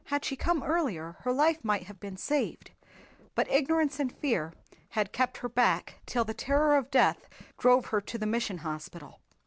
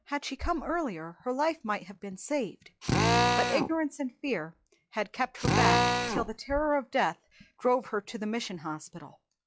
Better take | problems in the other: first | noise reduction (classical method log-MMSE)

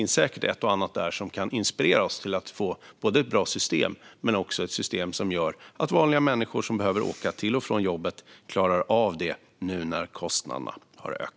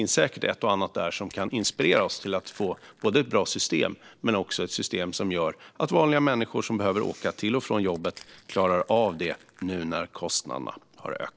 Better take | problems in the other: first | noise reduction (neural separator model SepFormer DNS4)

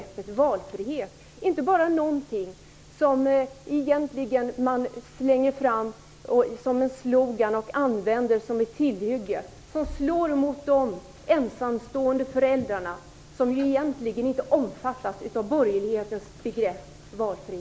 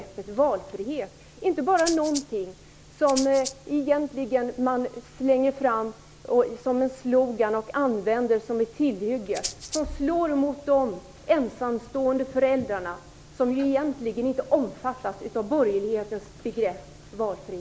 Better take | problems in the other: first | background sound (Rattle (instrument)); 10 dB below the speech

